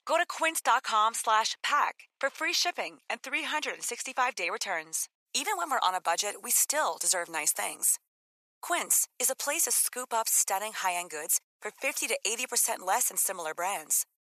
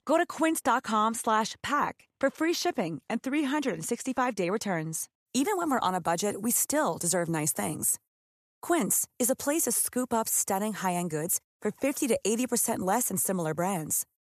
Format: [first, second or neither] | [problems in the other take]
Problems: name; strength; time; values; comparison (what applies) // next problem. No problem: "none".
second | thin; very; fading below 850 Hz